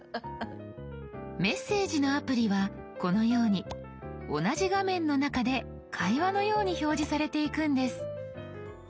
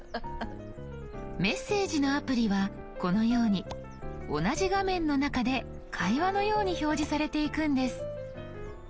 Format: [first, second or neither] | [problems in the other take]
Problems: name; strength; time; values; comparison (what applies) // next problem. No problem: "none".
first | background sound (Bus + Bird / Dog); 14 dB below the speech